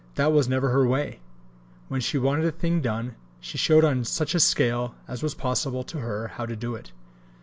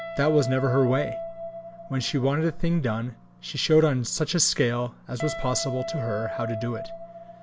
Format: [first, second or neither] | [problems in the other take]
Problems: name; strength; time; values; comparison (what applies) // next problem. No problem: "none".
first | background sound (Guitar); 11 dB below the speech